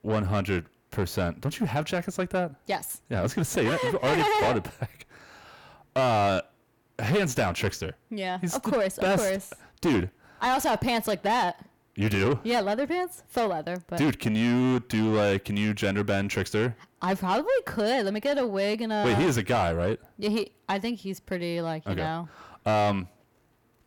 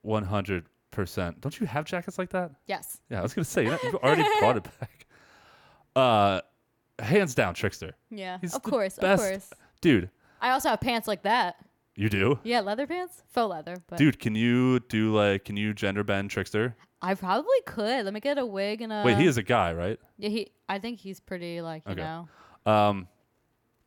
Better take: second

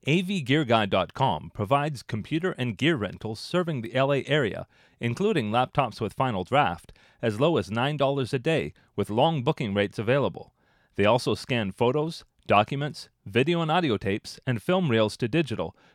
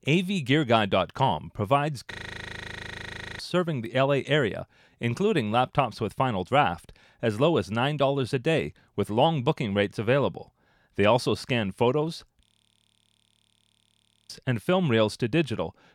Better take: first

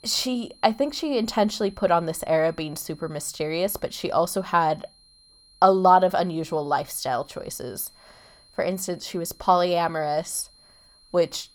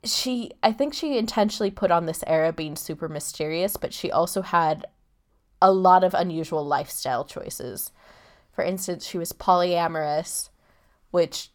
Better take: second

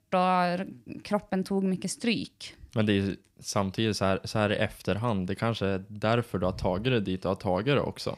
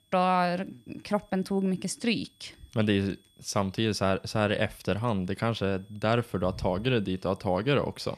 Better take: first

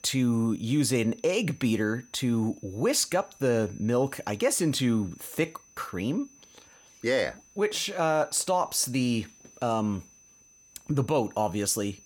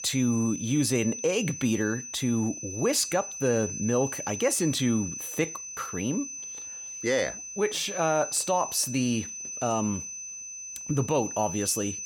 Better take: first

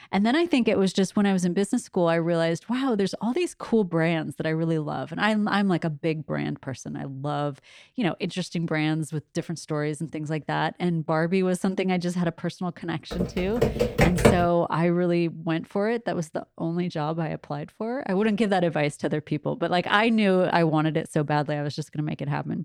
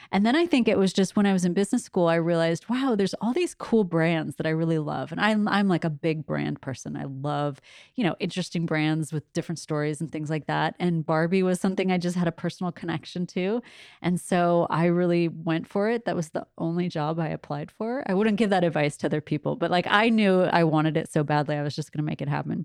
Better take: second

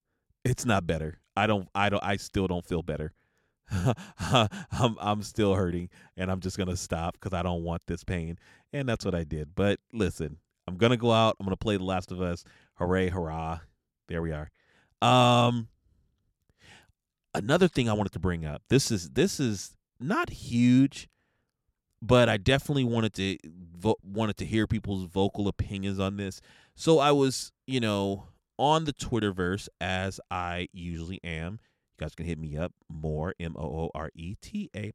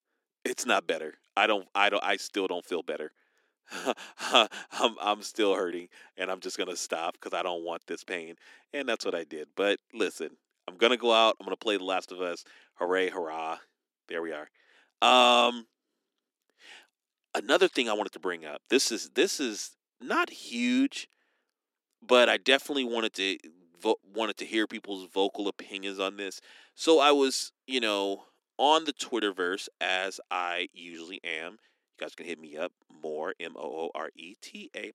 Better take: first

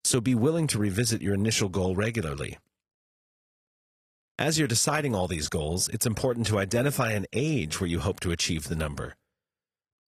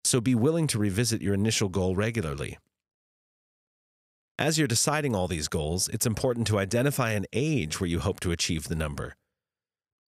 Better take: second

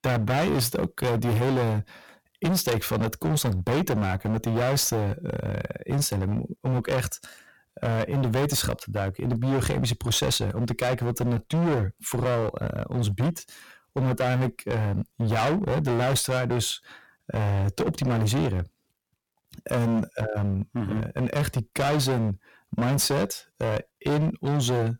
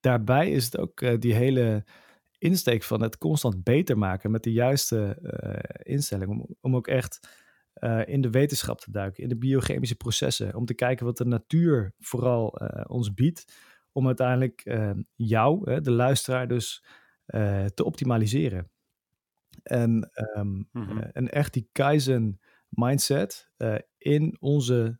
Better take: second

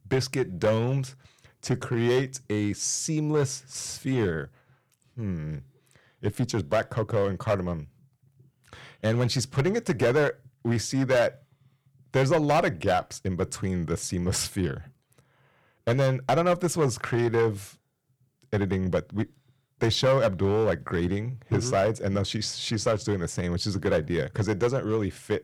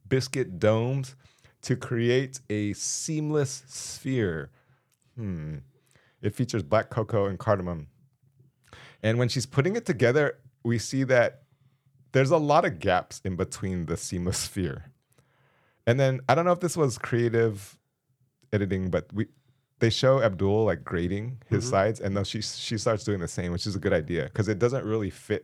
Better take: second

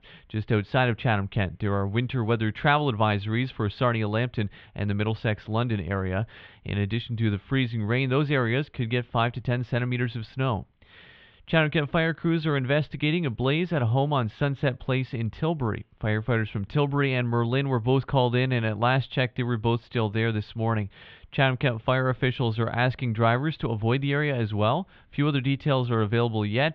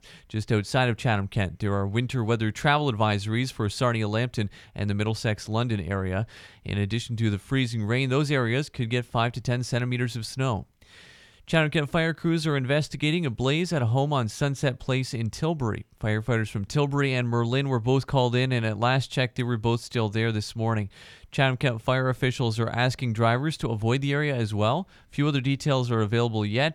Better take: second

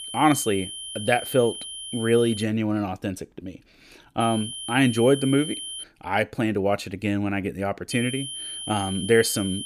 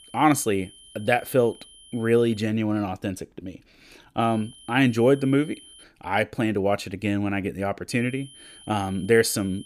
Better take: second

